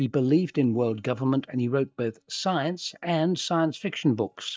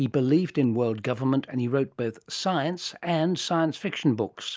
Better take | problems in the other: second | noise reduction (neural mask model DeepFilterNet 3)

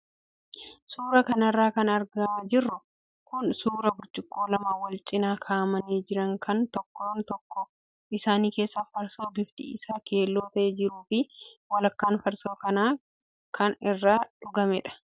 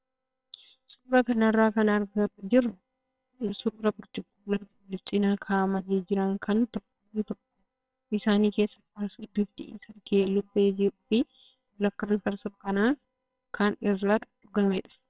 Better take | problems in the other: first | noise reduction (neural separator model SepFormer WHAMR!)

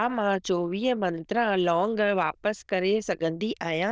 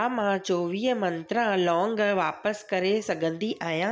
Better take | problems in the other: second | noise reduction (neural diffusion model UNIVERSE++)

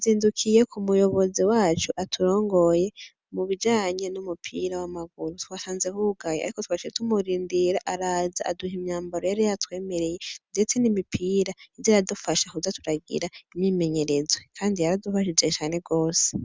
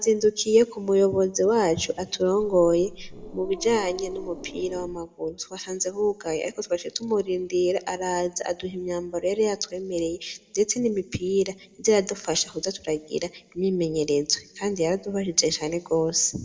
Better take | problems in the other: first | background sound (Growling); 14 dB below the speech // room echo; dies away in 1 s

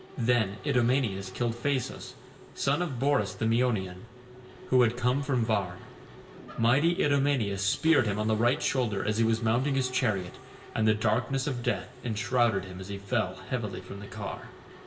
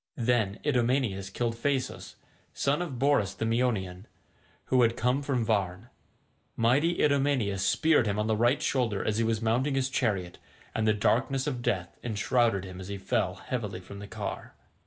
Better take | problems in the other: second | background sound (Mechanisms); 19 dB below the speech // room echo; dies away in 2 s

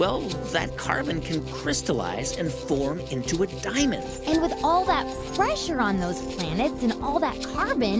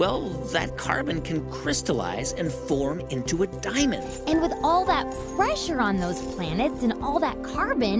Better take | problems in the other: second | background sound (Wind instrument, woodwind instrument + Rattle (instrument)); 18 dB below the speech

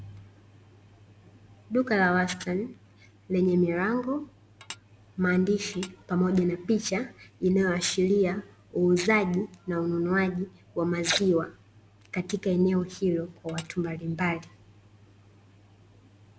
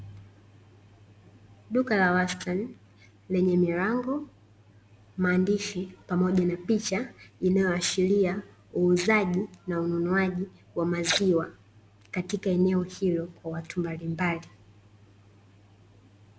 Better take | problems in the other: second | background sound (Tap / Dishes, pots, and pans); 16 dB below the speech

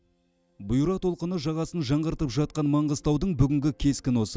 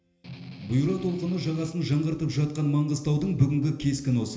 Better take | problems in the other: first | background sound (Strum); 15 dB below the speech // room echo; dies away in 1.4 s

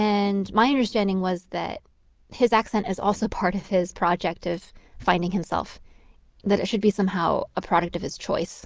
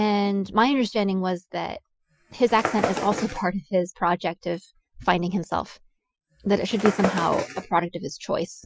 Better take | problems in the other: first | noise reduction (classical method Wiener filter)

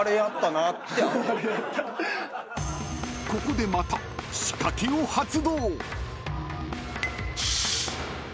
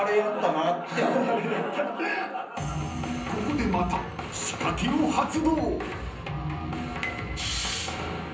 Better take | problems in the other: first | room echo; dies away in 0.6 s

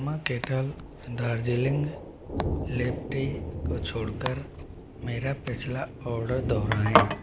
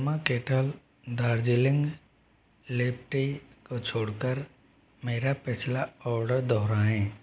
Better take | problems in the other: second | background sound (Thunder + Domestic sounds, home sounds); 1 dB below the speech

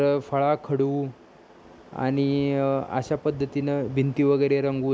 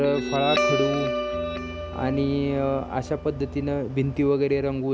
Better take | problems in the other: first | background sound (Guitar); 5 dB below the speech

